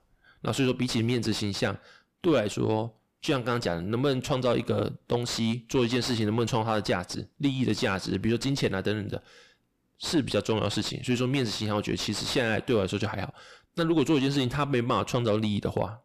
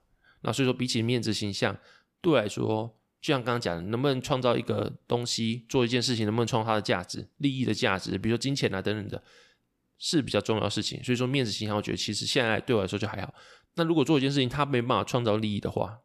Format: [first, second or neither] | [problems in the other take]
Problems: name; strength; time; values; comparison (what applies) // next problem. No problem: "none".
second | distortion; slight; 10 dB below the speech